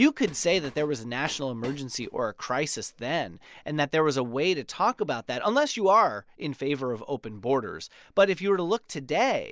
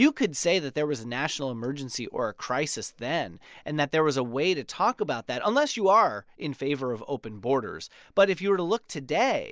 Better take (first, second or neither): second